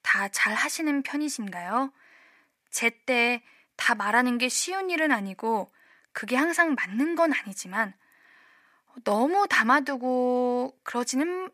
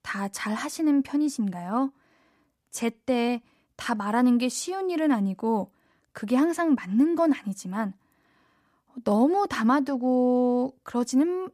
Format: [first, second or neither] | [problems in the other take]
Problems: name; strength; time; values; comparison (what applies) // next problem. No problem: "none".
second | thin; somewhat; fading below 850 Hz